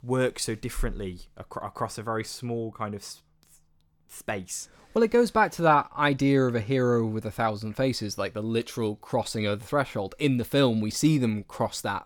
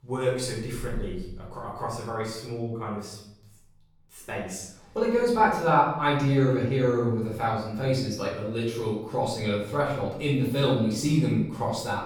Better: first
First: none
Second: off-mic speech; far // room echo; noticeable; dies away in 0.7 s

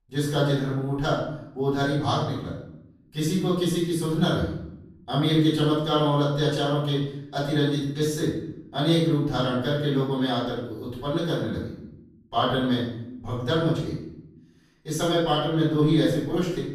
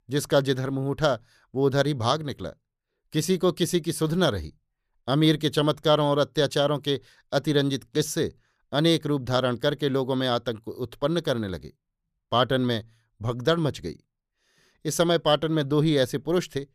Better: second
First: off-mic speech; far // room echo; noticeable; dies away in 0.8 s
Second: none

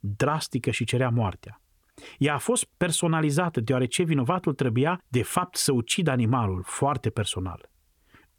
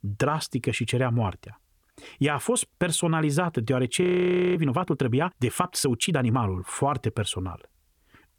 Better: first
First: none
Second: audio freezing; at 4 s for 0.5 s

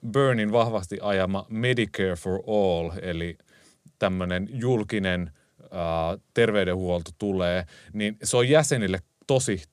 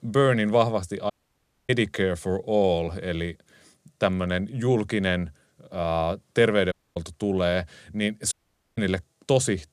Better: first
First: none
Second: audio cutting out; at 1 s for 0.5 s, at 6.5 s and at 8.5 s

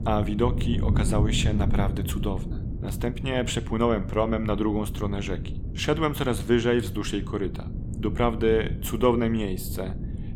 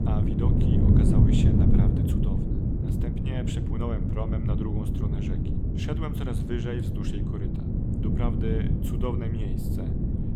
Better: first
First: wind noise on the microphone; occasional gusts; 15 dB below the speech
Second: wind noise on the microphone; heavy; 4 dB above the speech

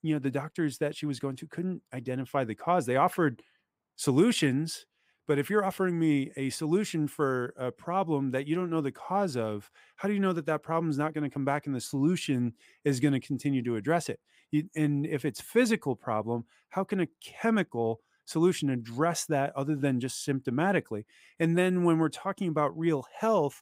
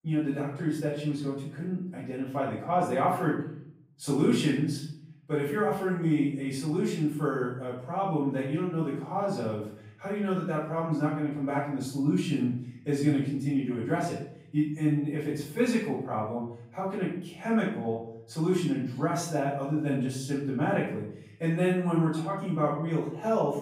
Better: first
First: none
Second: room echo; noticeable; dies away in 0.6 s // off-mic speech; far

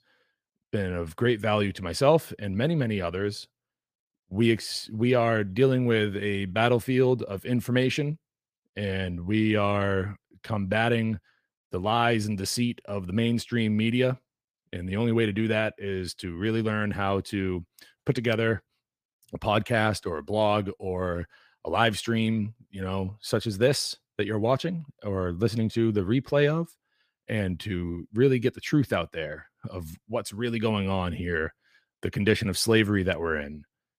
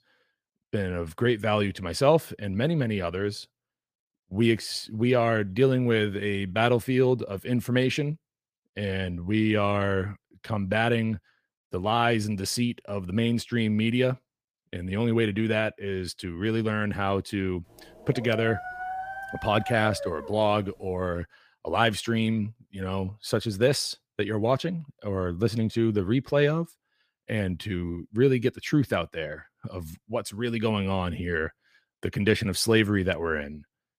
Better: first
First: none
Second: dog barking; noticeable; from 18 to 21 s; peak 7 dB below the speech

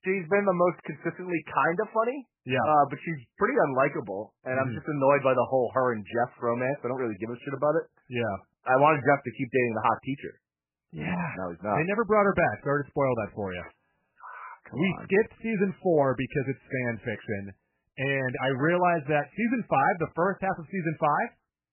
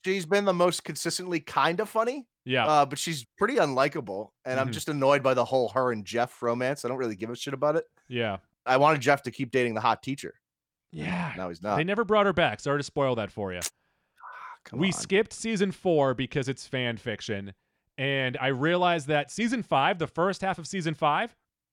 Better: second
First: garbled, watery; badly; nothing above 3 kHz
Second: none

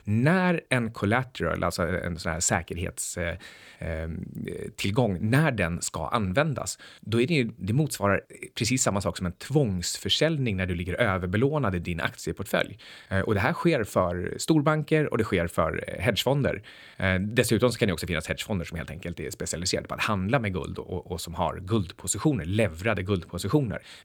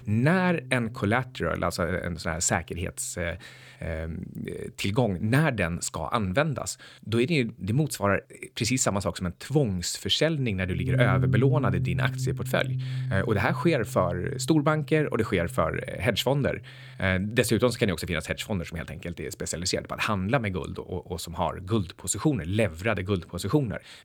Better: first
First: none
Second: background music; loud; throughout; 5 dB below the speech

